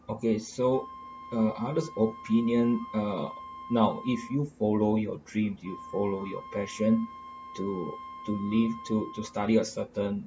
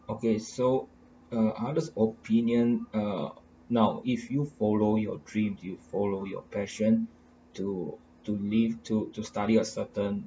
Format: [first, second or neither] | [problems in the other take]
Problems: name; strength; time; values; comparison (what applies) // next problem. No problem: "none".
second | background sound (Wind instrument, woodwind instrument); 16 dB below the speech